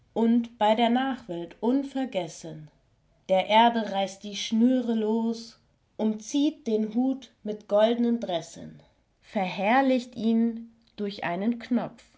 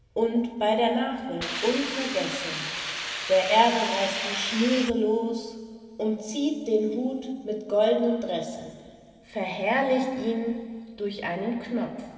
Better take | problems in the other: first | background sound (Hiss); 5 dB below the speech // room echo; dies away in 2.5 s

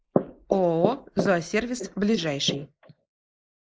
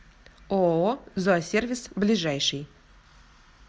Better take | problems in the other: second | noise reduction (neural mask model Resemble Enhance denoiser)

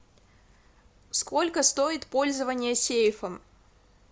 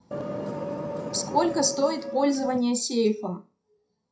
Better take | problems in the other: first | noise reduction (classical method WPE with log-MMSE)

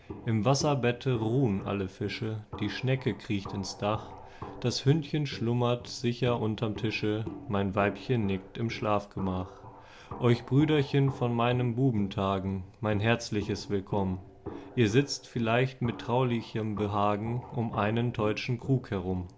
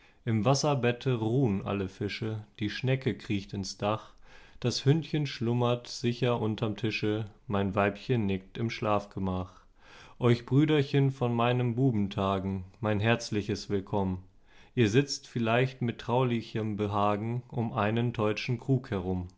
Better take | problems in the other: second | background sound (Walk, footsteps); 15 dB below the speech

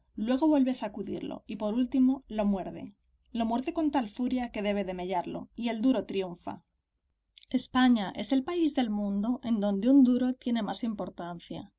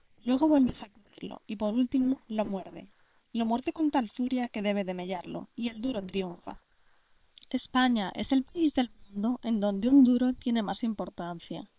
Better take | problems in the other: first | noise reduction (neural separator model SepFormer WHAM!)

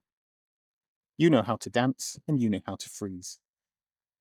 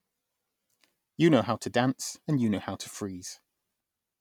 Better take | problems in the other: second | noise reduction (neural mask model DeepFilterNet 3)

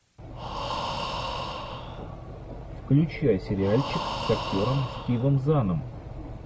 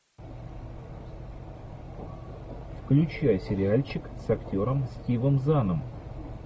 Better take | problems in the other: second | background sound (Breathing); 8 dB below the speech

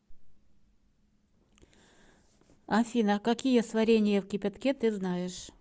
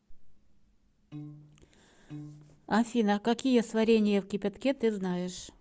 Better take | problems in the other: first | background sound (Piano); 17 dB below the speech

